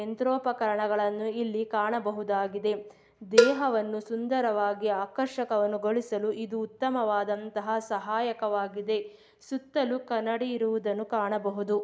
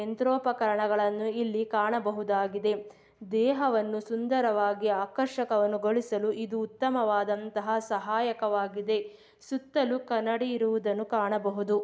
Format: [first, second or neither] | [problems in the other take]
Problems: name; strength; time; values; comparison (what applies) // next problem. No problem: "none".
second | background sound (Cowbell); 1 dB below the speech